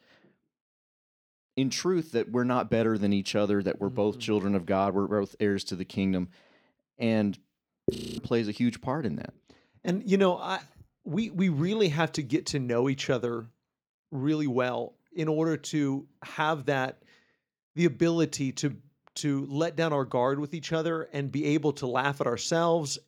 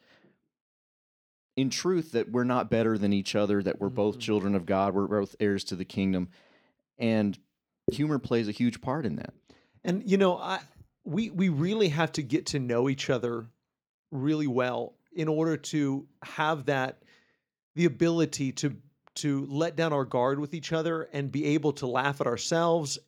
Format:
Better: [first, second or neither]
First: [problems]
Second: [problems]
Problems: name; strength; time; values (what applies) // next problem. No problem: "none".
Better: second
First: audio freezing; at 8 s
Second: none